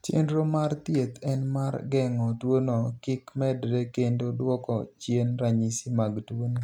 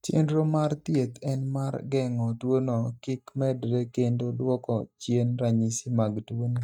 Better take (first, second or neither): first